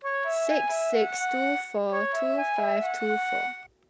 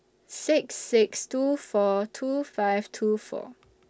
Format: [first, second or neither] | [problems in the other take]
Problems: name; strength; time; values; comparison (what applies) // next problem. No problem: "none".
second | background sound (Wind instrument, woodwind instrument); 3 dB above the speech